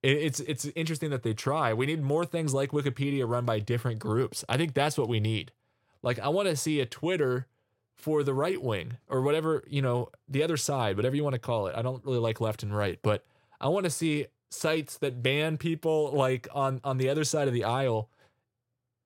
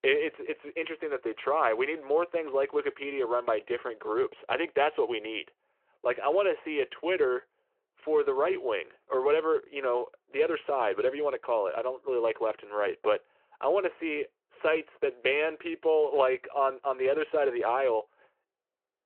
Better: first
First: none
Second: phone-call audio

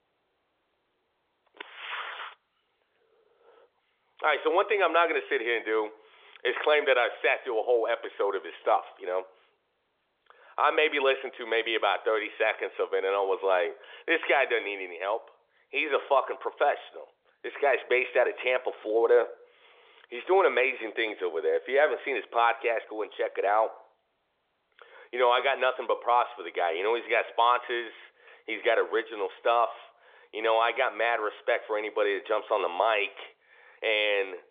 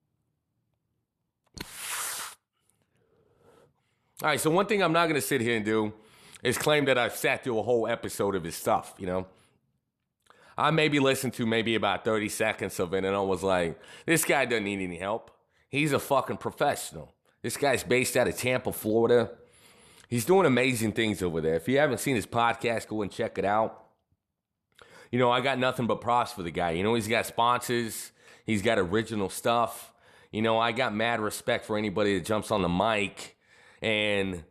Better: second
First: phone-call audio; nothing above 3.5 kHz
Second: none

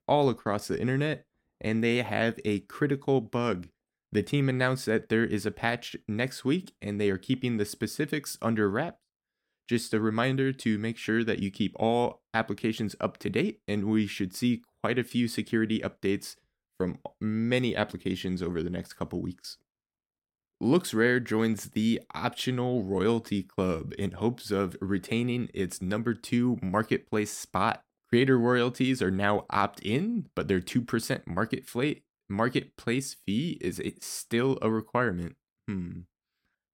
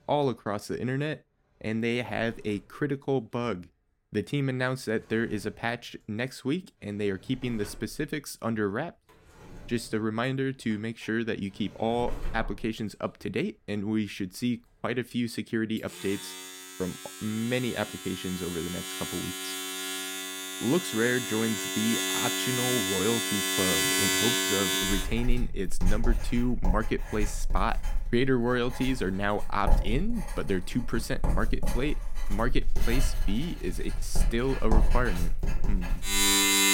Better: first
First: none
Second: household noises; very loud; throughout; 1 dB above the speech

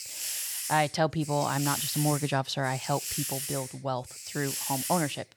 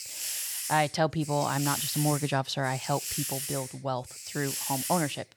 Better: neither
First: hiss; loud; throughout; 3 dB below the speech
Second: hiss; loud; throughout; 3 dB below the speech

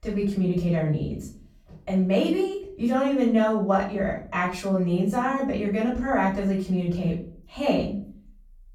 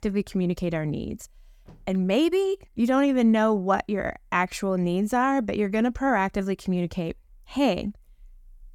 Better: second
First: off-mic speech; far // room echo; noticeable; dies away in 0.5 s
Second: none

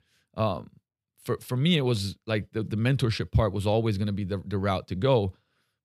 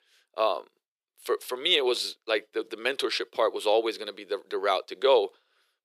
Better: first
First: none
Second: thin; very; fading below 350 Hz

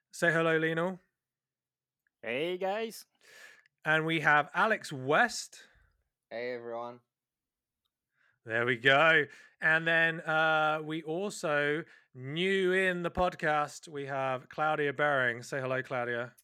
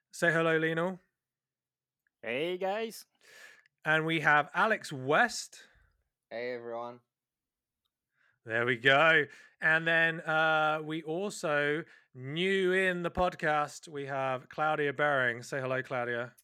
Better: neither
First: none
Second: none

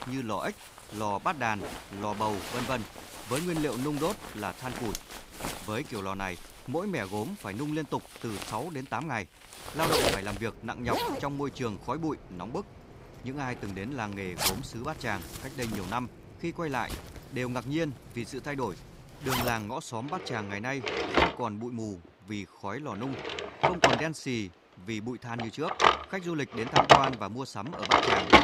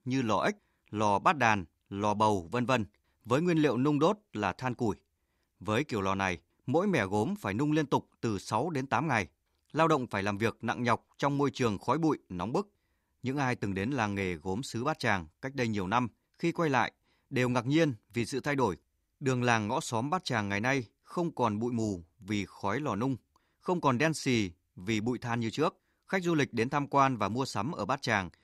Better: second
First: household noises; very loud; throughout; 5 dB above the speech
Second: none

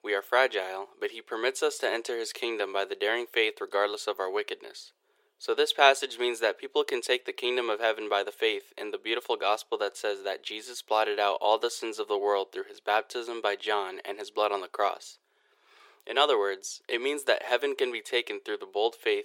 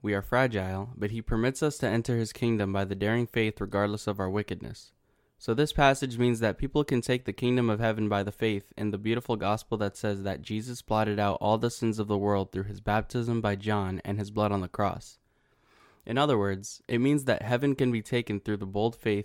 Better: second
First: thin; very; fading below 400 Hz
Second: none

